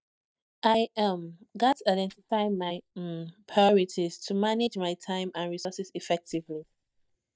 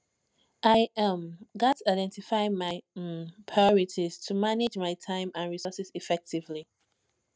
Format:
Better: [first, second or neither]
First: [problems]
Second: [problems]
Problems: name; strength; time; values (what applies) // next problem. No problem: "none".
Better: second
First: noise reduction (neural mask model DeepFilterNet 3)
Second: none